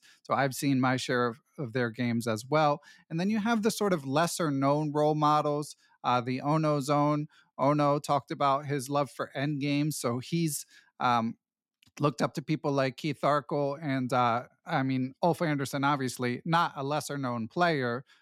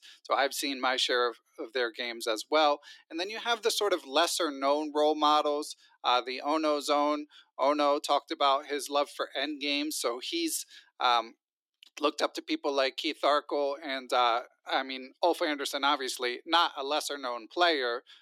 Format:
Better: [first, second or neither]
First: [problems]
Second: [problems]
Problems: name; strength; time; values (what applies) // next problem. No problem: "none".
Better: first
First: none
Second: thin; somewhat; fading below 300 Hz